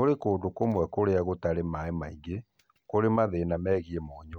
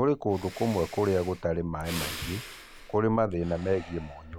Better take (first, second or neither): first